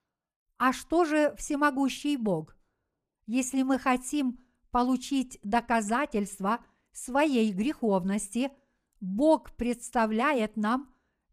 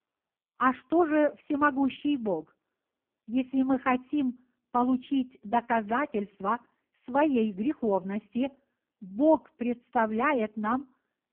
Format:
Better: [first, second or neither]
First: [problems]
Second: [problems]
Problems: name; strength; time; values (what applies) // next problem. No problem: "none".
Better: first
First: none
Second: phone-call audio; poor line